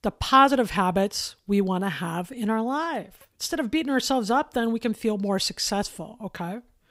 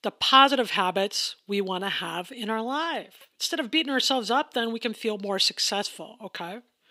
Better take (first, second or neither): first